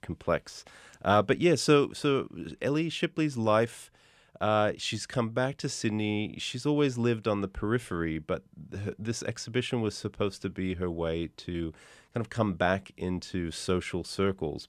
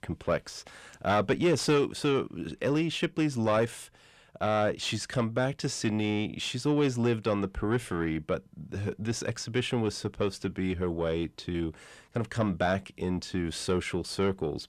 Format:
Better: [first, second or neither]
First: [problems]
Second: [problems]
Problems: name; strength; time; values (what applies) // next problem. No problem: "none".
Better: first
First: none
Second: distortion; slight; 10 dB below the speech